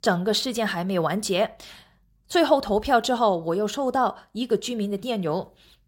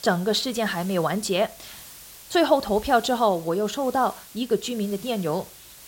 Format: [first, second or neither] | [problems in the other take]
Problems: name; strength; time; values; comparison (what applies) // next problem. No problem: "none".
first | hiss; noticeable; throughout; 20 dB below the speech